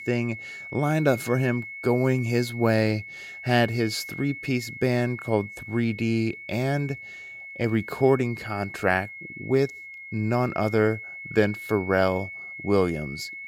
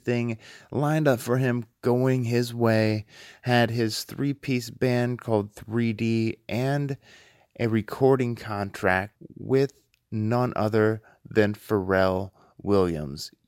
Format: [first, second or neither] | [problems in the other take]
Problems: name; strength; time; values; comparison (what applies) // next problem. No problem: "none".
second | high-pitched whine; noticeable; throughout; 2 kHz, 10 dB below the speech